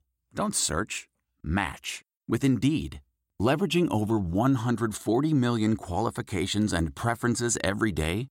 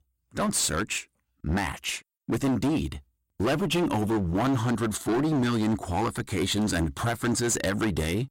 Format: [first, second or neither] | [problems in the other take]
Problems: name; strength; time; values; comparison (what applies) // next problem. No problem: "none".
first | distortion; heavy; 18% of the sound clipped